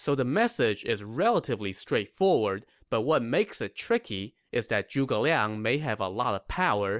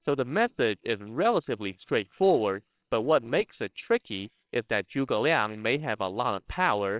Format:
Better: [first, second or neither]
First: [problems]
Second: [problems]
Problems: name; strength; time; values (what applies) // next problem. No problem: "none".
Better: first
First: none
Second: noise reduction (neural separator model SepFormer WHAMR!)